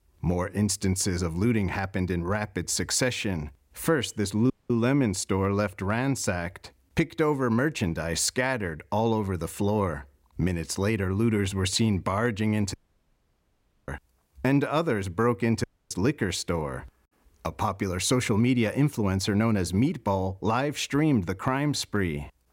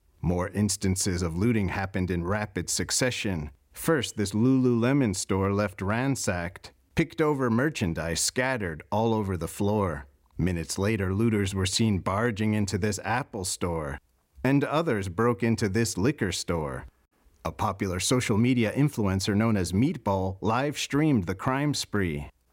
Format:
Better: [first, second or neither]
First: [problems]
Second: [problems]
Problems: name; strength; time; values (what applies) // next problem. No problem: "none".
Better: second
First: audio cutting out; at 4.5 s, at 13 s for 1 s and at 16 s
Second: none